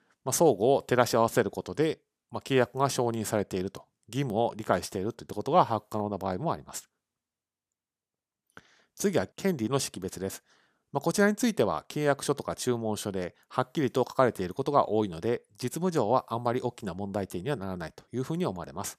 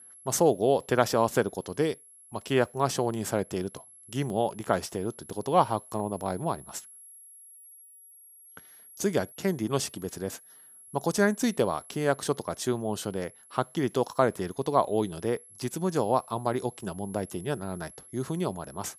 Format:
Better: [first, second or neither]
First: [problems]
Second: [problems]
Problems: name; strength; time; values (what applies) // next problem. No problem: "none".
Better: first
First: none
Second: high-pitched whine; faint; throughout; 11 kHz, 20 dB below the speech